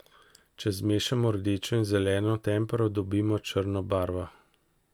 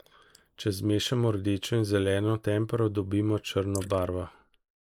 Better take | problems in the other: first | noise reduction (neural mask model Resemble Enhance denoiser)

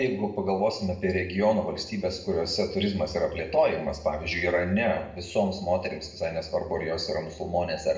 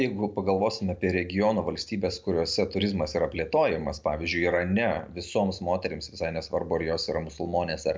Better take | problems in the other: second | room echo; dies away in 0.6 s

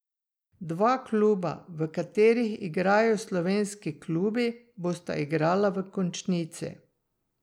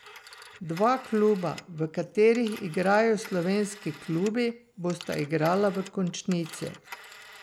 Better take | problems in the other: first | background sound (Telephone); 19 dB below the speech

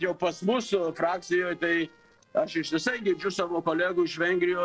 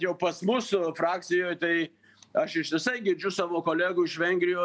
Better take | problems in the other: second | noise reduction (neural separator model SepFormer DNS4)

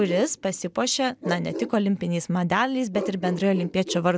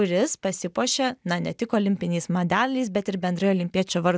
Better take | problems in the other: second | background sound (Bark); 12 dB below the speech

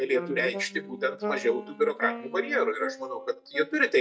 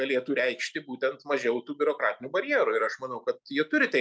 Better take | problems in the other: second | noise reduction (neural mask model DeepFilterNet 3)

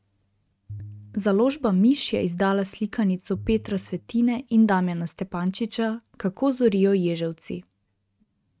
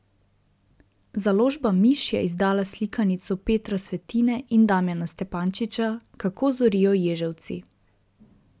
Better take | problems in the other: second | noise reduction (neural mask model RNNoise)

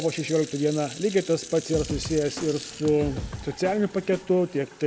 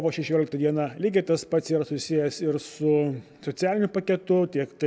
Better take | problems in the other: second | background sound (Snare drum / Drum kit + Fill (with liquid) / Sink (filling or washing)); 12 dB below the speech

